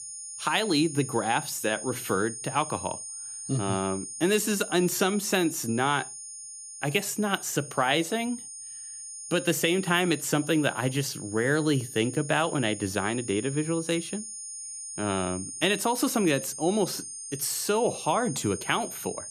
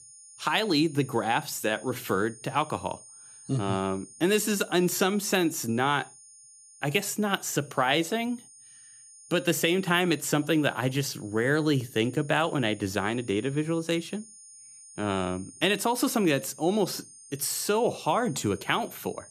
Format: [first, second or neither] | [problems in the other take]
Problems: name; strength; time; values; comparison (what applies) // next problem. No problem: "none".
second | high-pitched whine; loud; throughout; 9 kHz, 10 dB below the speech; faint in the second